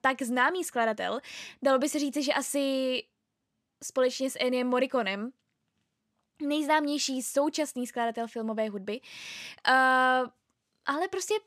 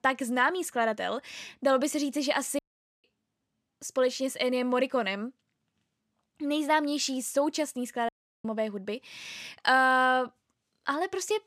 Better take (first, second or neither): first